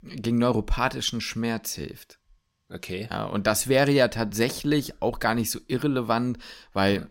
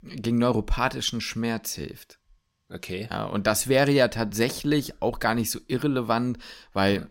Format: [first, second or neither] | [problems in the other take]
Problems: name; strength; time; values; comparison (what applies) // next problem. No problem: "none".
neither | none